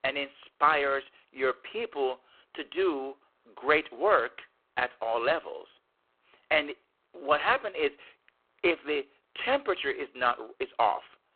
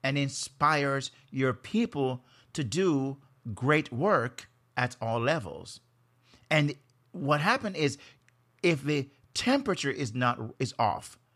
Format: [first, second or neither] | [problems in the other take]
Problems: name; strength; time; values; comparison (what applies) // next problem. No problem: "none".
second | phone-call audio; poor line; nothing above 4 kHz